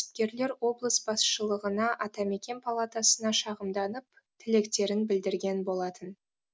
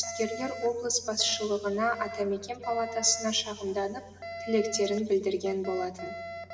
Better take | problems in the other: first | background sound (Alarm); 12 dB below the speech // room echo; dies away in 1.9 s

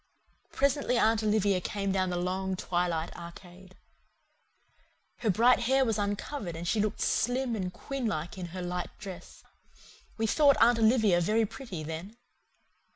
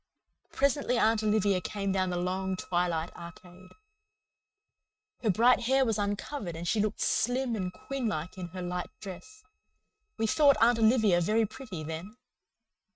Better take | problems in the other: first | noise reduction (neural mask model RNNoise)

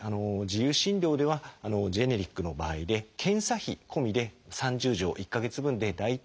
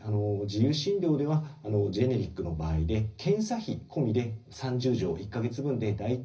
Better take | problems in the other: first | room echo; dies away in 0.4 s

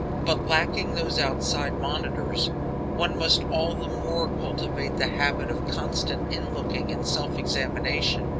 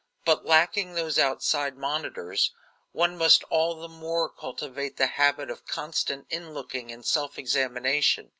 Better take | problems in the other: second | background sound (Engine / Boat, Water vehicle); 2 dB above the speech

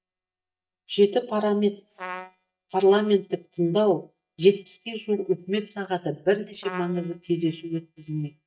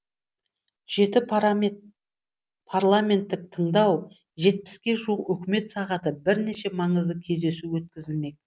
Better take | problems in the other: second | noise reduction (neural mask model DeepFilterNet 3)

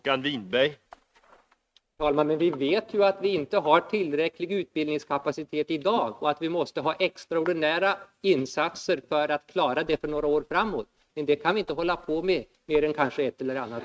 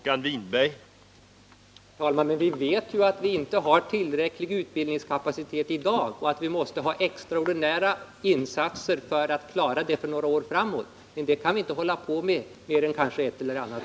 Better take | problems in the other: second | noise reduction (neural mask model RNNoise)

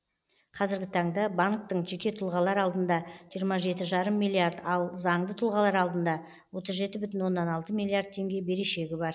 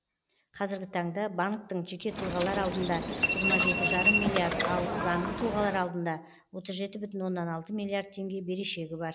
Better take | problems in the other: first | background sound (Subway, metro, underground); 2 dB above the speech

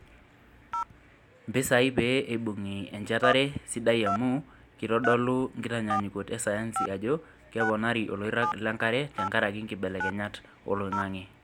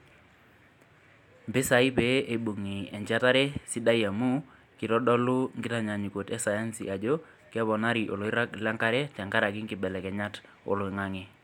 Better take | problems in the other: second | background sound (Telephone); 8 dB below the speech

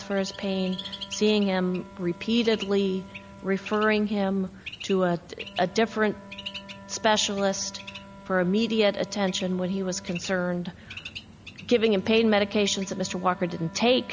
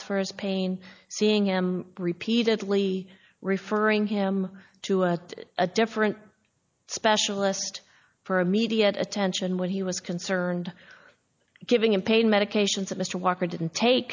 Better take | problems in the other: second | background sound (Wind instrument, woodwind instrument + Bird); 16 dB below the speech

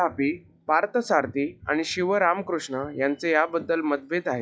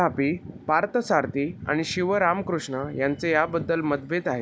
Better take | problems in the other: second | noise reduction (classical method log-MMSE)

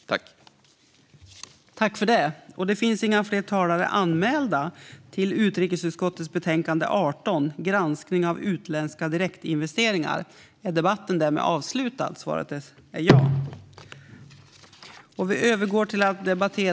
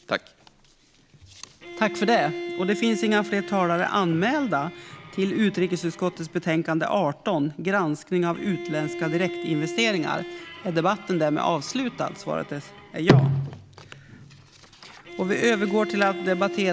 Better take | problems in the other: first | background sound (Bowed string instrument); 12 dB below the speech

